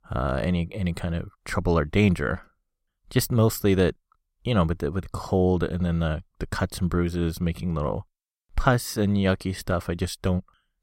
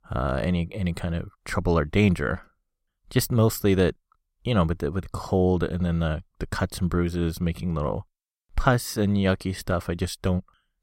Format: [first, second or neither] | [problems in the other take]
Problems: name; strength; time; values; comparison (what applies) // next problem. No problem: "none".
neither | none